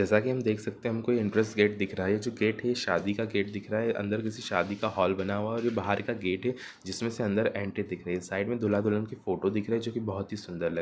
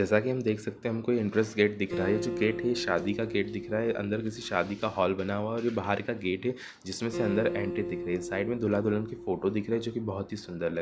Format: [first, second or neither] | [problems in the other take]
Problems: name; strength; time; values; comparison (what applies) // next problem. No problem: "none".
first | background sound (Acoustic guitar); 10 dB below the speech